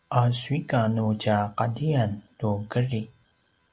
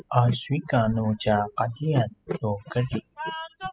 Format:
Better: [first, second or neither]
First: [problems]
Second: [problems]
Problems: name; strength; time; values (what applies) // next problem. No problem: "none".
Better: first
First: none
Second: noise reduction (classical method spectral subtraction)